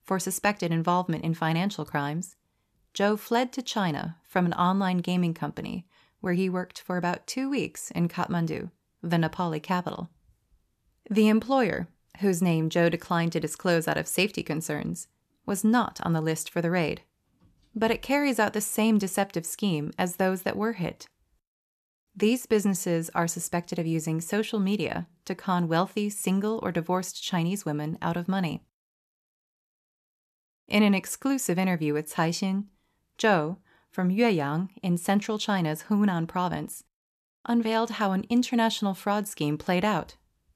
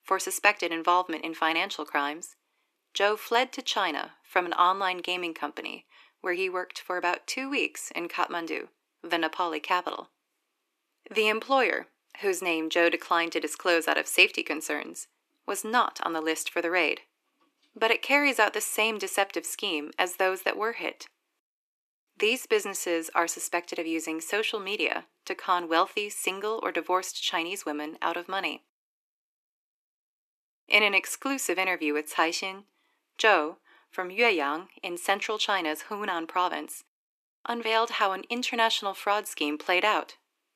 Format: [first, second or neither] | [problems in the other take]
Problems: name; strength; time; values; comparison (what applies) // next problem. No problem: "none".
first | thin; very; fading below 300 Hz